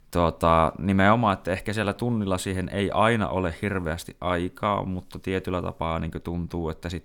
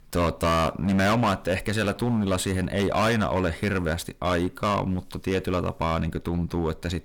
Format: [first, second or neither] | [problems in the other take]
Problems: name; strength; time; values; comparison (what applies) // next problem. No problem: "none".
first | distortion; heavy; 11% of the sound clipped